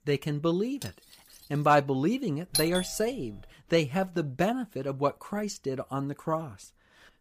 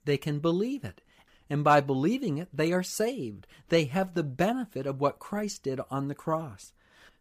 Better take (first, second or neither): second